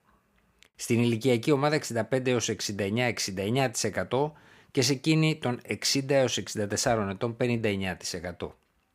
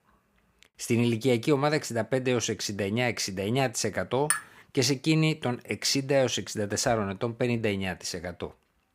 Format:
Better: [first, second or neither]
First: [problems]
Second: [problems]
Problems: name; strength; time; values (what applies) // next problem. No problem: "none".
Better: first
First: none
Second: clattering dishes; noticeable; at 4.5 s; peak 1 dB below the speech